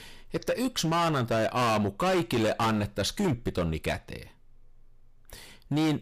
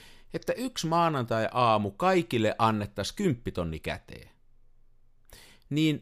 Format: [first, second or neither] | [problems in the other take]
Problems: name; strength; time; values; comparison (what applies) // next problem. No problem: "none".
second | distortion; heavy; 15% of the sound clipped